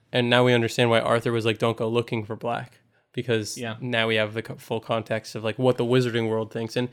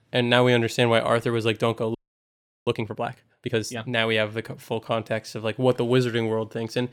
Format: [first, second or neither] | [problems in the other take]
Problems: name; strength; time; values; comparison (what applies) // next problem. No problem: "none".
first | audio freezing; at 2 s for 0.5 s